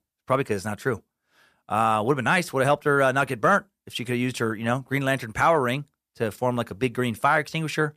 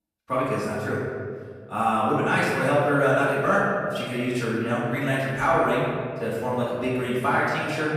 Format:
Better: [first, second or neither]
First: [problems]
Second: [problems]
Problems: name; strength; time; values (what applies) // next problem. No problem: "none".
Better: first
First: none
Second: off-mic speech; far // room echo; strong; dies away in 1.9 s